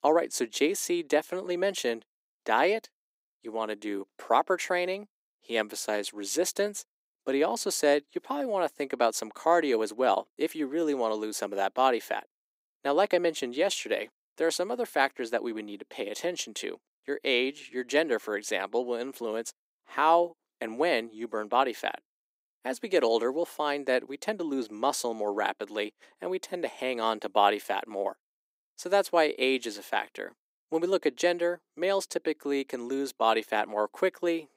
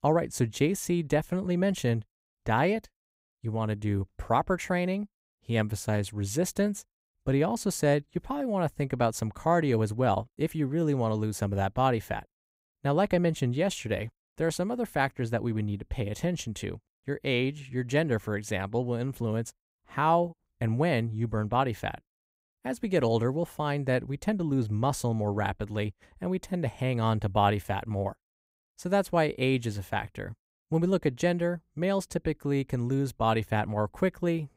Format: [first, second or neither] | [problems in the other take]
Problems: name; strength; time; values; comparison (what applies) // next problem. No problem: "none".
second | thin; somewhat; fading below 300 Hz